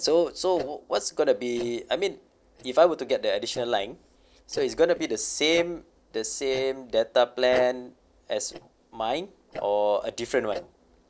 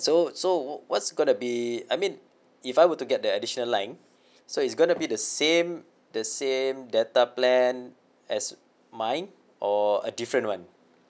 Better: second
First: noise reduction (neural separator model SepFormer DNS4)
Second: none

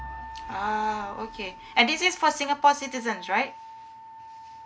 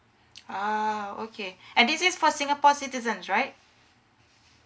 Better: second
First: background sound (Engine / Vehicle + Wind instrument, woodwind instrument); 15 dB below the speech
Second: none

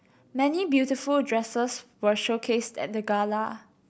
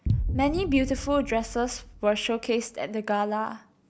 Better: first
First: none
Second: background sound (Boom); 6 dB below the speech

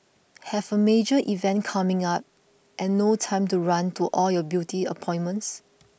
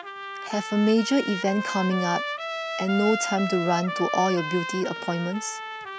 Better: first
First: none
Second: background sound (Trumpet); 6 dB below the speech

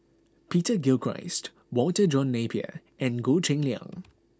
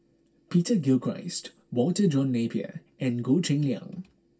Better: first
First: none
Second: room echo; dies away in 0.2 s

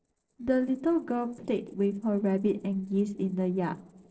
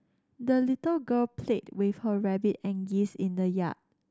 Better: second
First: noise reduction (neural separator model SepFormer DNS4)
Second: none

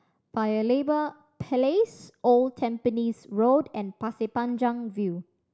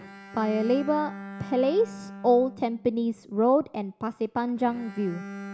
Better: first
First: none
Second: background sound (Bowed string instrument); 15 dB below the speech

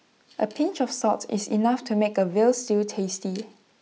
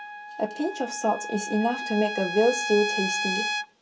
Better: first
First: none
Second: background sound (Trumpet); 5 dB below the speech // room echo; dies away in 0.2 s

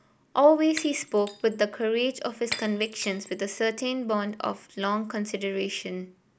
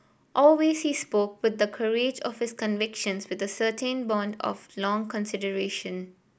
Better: second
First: background sound (Shatter); 15 dB below the speech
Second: none

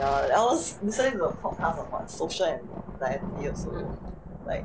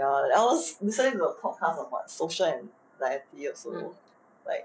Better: second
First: background sound (Thunder); 9 dB below the speech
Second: none

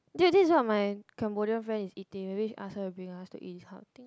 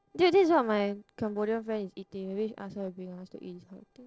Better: first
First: none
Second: noise reduction (neural separator model SepFormer DNS4)

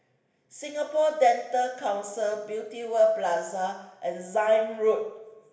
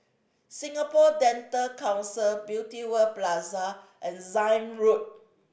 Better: second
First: room echo; dies away in 1.1 s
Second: none

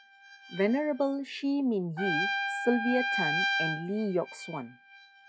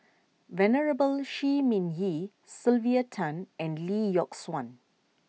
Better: second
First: noise reduction (classical method log-MMSE)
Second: none

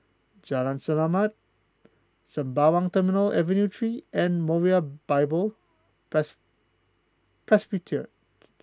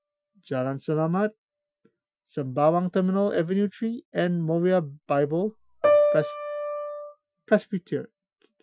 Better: first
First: none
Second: noise reduction (classical method Wiener filter)

